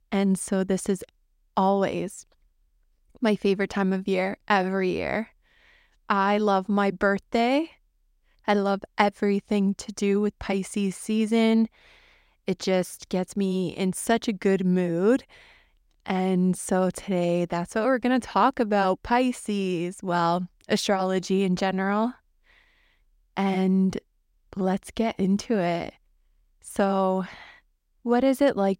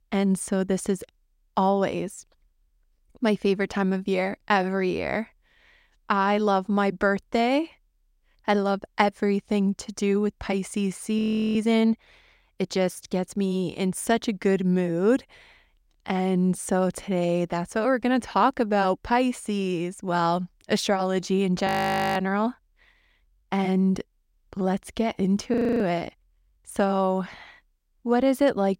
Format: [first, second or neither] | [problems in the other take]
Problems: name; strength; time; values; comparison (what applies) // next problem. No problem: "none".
first | audio freezing; at 11 s, at 22 s and at 26 s